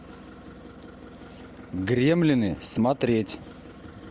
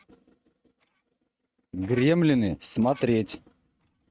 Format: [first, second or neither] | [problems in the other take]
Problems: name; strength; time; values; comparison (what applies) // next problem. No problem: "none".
first | noise reduction (neural mask model RNNoise)